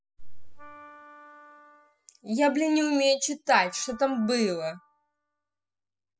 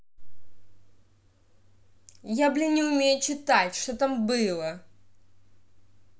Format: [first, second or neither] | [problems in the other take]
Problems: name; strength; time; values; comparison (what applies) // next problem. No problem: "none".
second | noise reduction (classical method spectral subtraction)